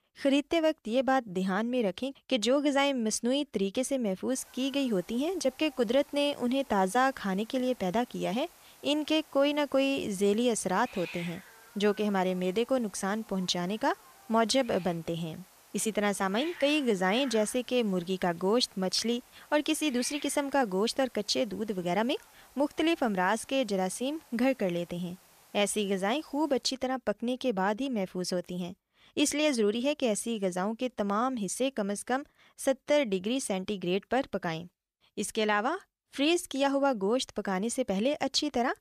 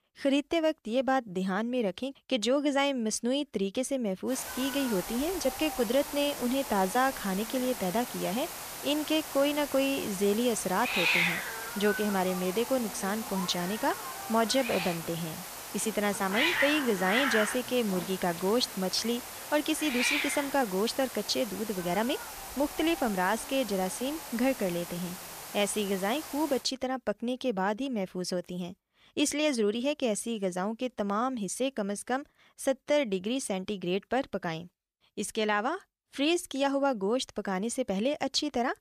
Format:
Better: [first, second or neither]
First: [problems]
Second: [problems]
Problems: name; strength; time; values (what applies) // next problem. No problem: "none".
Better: first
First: hiss; faint; from 4.5 to 27 s; 20 dB below the speech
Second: hiss; loud; from 4.5 to 27 s; 5 dB below the speech